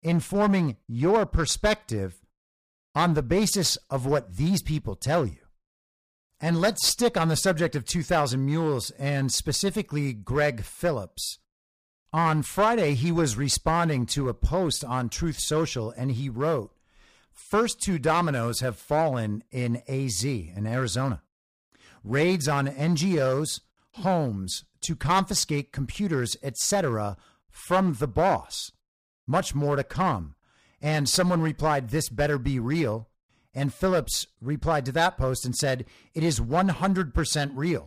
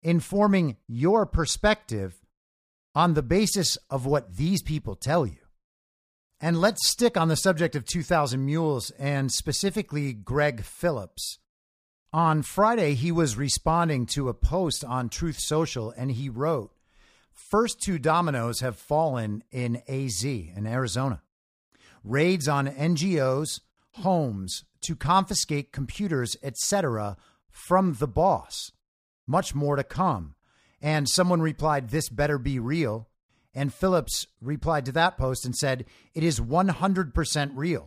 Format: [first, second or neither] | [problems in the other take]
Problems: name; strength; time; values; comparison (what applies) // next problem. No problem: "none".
second | distortion; slight; 4% of the sound clipped